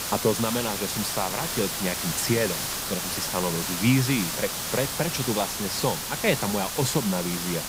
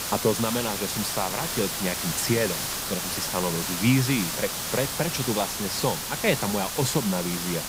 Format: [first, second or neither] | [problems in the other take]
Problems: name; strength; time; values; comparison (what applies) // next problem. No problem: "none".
neither | hiss; loud; throughout; 1 dB below the speech; the same in both